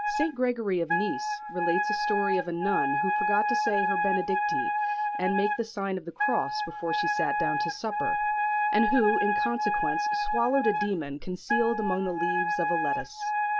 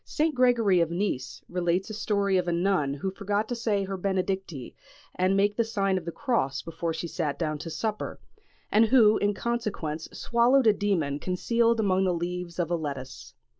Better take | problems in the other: second | background sound (Wind instrument, woodwind instrument); 2 dB above the speech

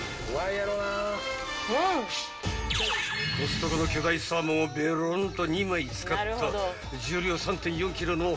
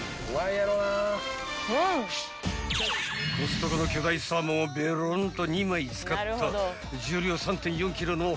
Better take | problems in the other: second | room echo; dies away in 0.7 s

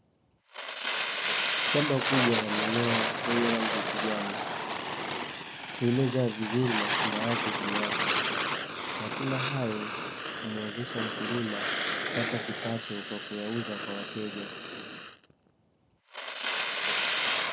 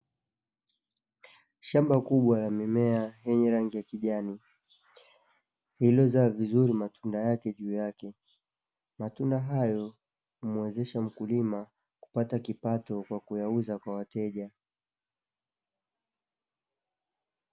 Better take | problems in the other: second | background sound (Fire); 2 dB above the speech

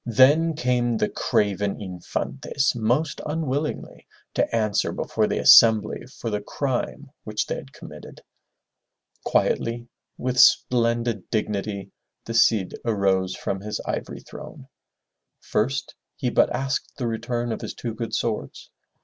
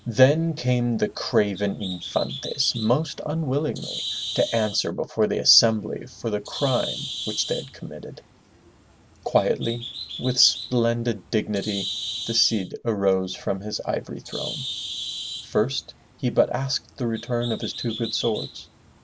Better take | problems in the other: first | background sound (Bird); 11 dB below the speech

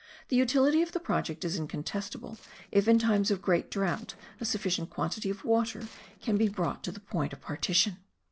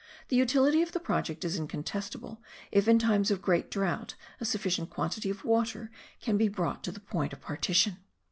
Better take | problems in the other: second | noise reduction (neural separator model SepFormer DNS4)

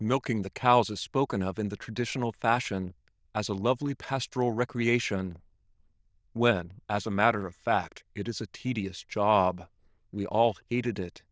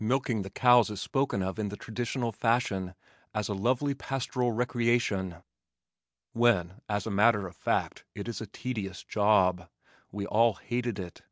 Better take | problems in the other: second | noise reduction (neural diffusion model UNIVERSE++)

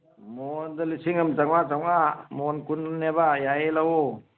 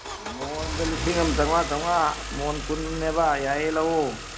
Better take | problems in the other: first | background sound (Engine starting / Car); 6 dB below the speech

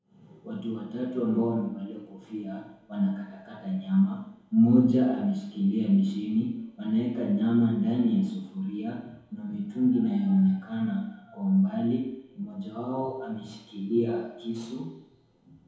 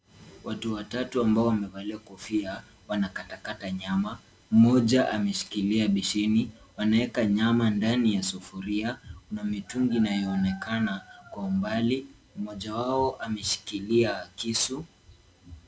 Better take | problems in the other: second | room echo; dies away in 0.9 s

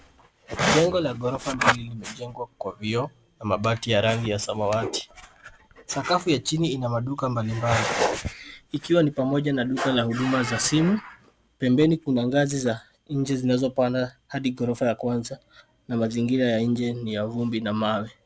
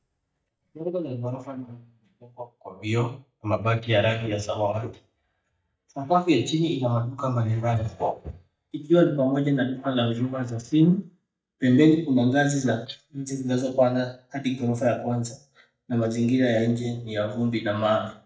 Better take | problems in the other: first | noise reduction (neural mask model DeepFilterNet 3)

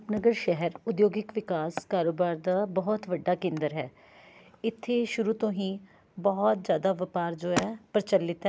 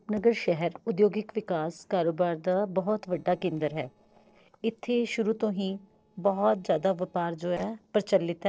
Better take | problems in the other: first | noise reduction (neural separator model SepFormer DNS4)

